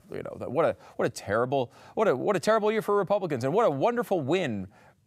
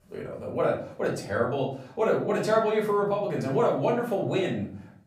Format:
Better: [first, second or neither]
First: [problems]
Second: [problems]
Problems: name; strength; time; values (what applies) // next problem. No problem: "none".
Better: first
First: none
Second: room echo; slight; dies away in 0.5 s // off-mic speech; far